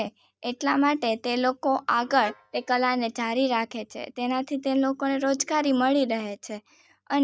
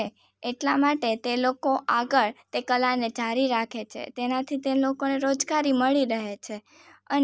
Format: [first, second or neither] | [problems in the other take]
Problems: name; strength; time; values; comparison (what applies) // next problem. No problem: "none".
second | noise reduction (neural mask model DeepFilterNet 3)